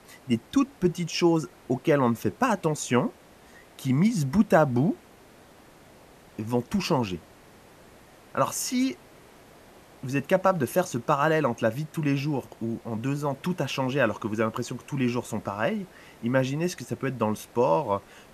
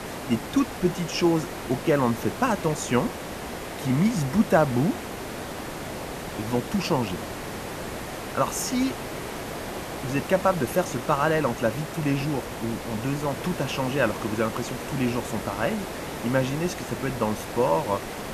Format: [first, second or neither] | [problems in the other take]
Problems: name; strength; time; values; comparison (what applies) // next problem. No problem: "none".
first | hiss; loud; throughout; 8 dB below the speech; faint in the first